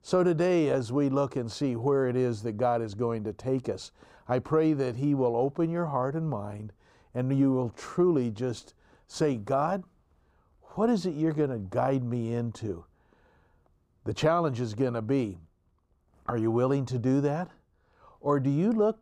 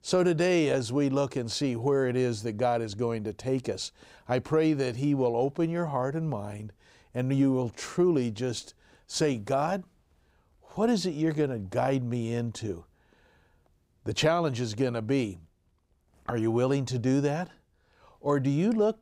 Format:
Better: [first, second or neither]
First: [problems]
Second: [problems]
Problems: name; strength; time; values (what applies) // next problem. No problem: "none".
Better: second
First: muffled; slightly; fading above 1.5 kHz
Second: none